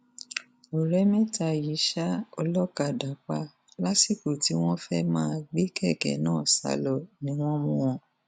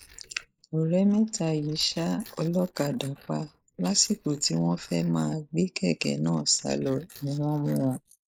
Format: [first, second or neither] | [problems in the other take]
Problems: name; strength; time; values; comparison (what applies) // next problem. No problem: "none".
first | noise reduction (neural mask model Resemble Enhance denoiser)